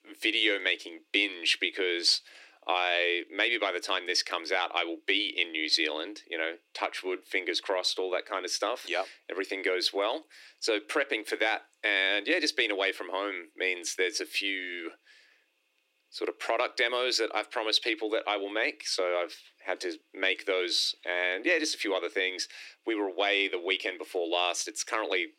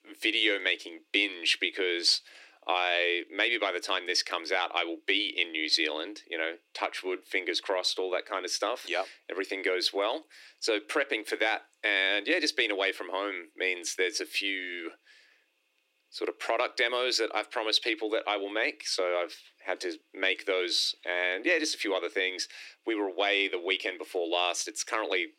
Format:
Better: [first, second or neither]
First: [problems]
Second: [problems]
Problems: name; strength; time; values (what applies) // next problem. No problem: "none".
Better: neither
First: thin; very; fading below 300 Hz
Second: thin; very; fading below 300 Hz